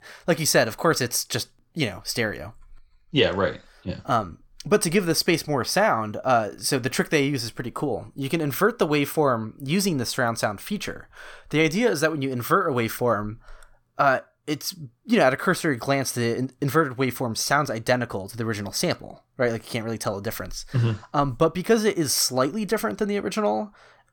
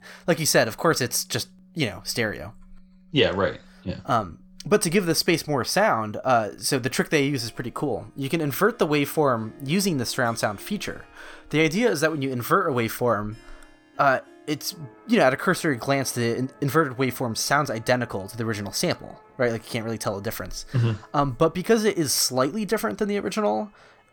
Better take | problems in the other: first | background music; faint; throughout; 30 dB below the speech

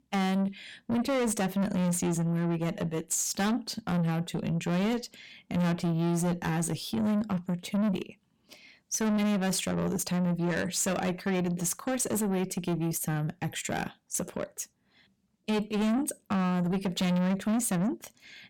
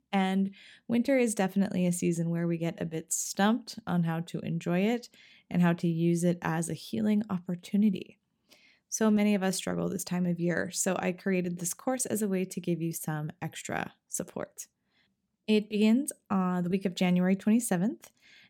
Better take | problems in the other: second | distortion; heavy; 8 dB below the speech

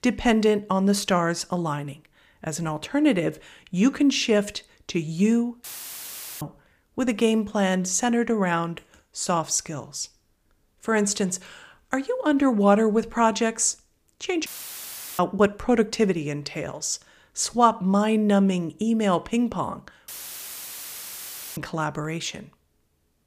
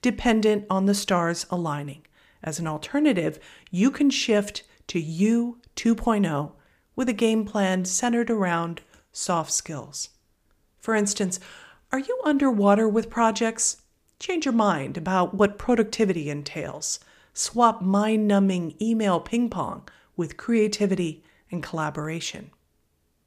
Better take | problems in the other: second | audio cutting out; filled with static; at 5.5 s for 1 s, at 14 s for 0.5 s and at 20 s for 1.5 s

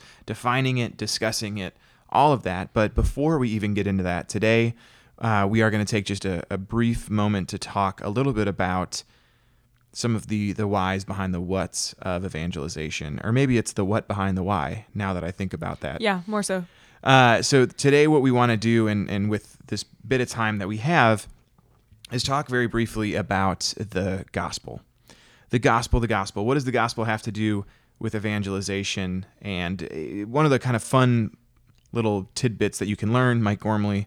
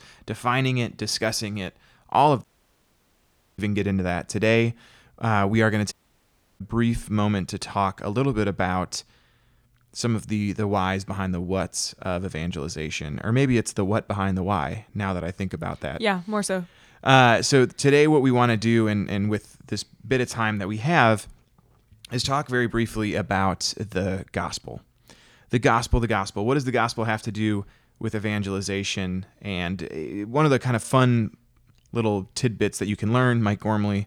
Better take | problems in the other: first | audio cutting out; at 2.5 s for 1 s and at 6 s for 0.5 s

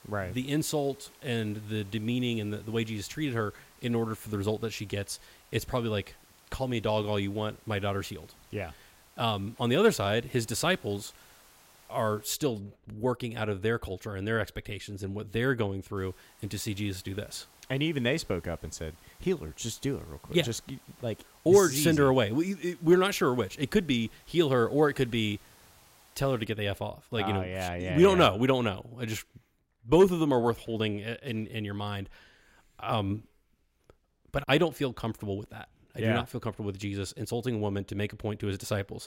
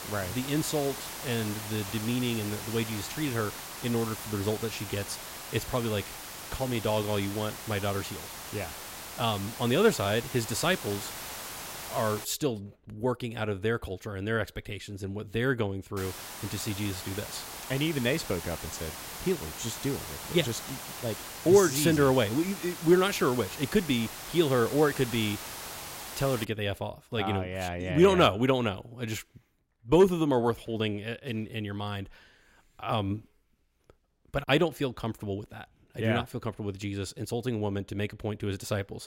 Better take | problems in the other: first | hiss; loud; until 12 s and from 16 to 26 s; 9 dB below the speech; faint in the first

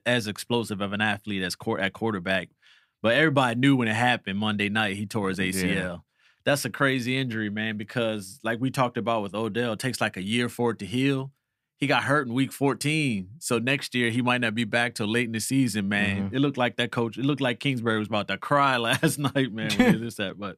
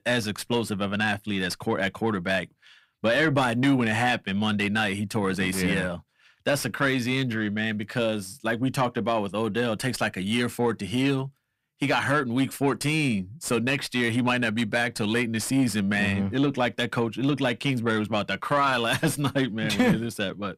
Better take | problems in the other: first | distortion; slight; 10 dB below the speech

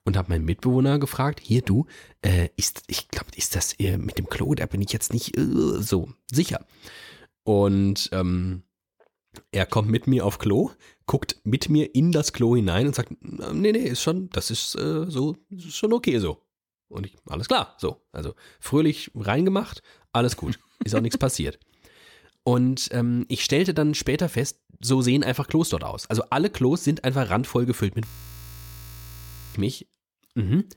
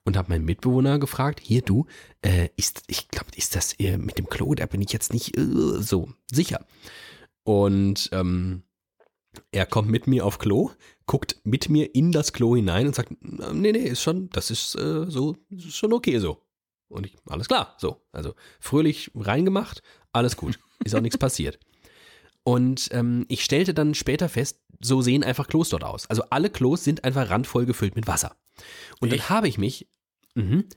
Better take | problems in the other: second | audio freezing; at 28 s for 1.5 s

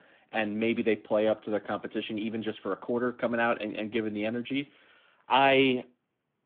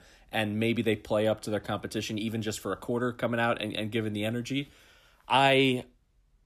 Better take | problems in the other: second | phone-call audio

